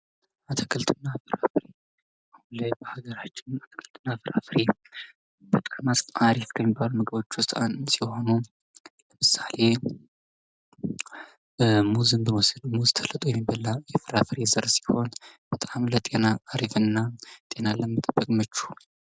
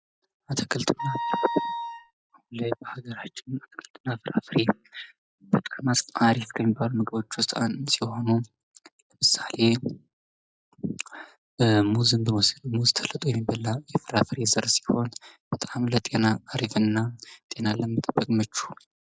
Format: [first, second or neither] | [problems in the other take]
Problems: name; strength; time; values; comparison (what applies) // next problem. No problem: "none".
first | noise reduction (classical method log-MMSE)